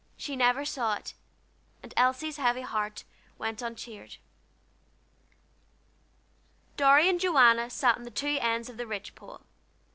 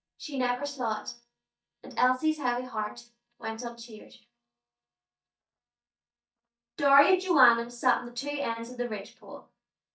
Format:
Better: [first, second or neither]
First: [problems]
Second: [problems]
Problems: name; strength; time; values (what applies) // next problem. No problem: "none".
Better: first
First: none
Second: noise reduction (neural mask model DeepFilterNet 3)